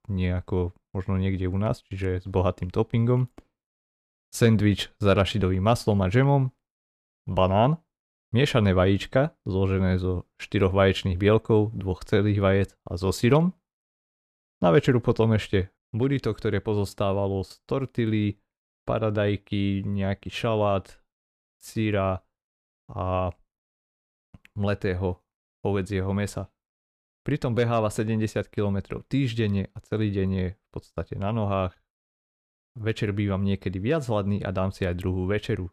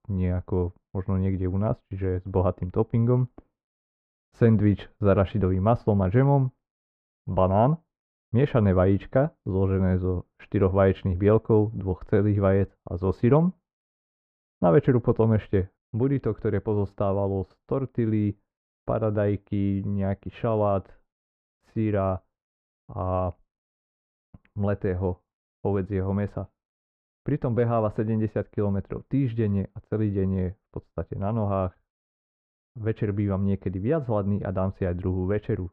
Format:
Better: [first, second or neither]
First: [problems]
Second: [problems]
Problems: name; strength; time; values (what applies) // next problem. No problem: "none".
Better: first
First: none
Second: muffled; very; fading above 3.5 kHz